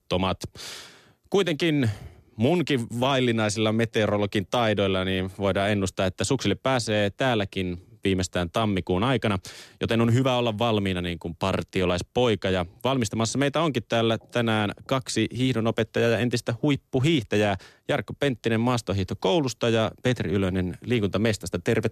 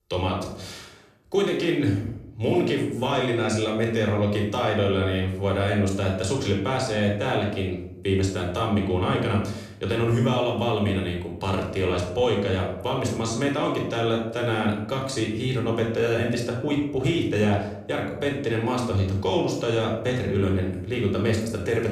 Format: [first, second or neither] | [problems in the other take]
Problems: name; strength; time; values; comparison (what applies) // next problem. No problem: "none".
first | off-mic speech; somewhat distant // room echo; noticeable; dies away in 0.7 s